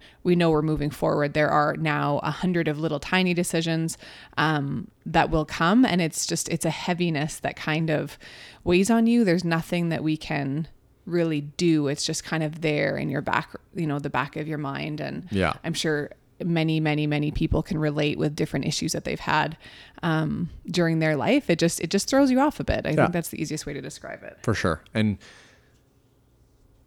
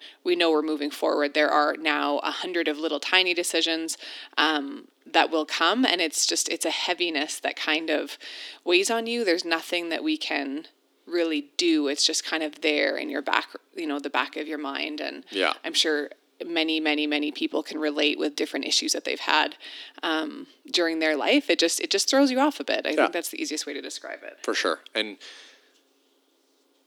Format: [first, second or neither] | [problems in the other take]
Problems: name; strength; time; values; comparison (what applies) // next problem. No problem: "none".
first | thin; somewhat; fading below 300 Hz